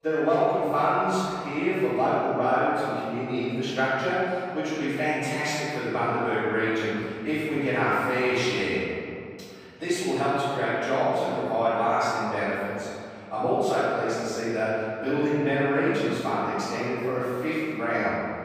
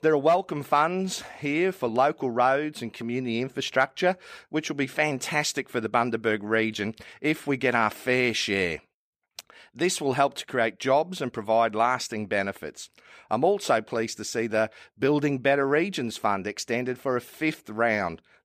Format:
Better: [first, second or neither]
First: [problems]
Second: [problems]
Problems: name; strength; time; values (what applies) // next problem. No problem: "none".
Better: second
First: off-mic speech; far // room echo; strong; dies away in 2.3 s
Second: none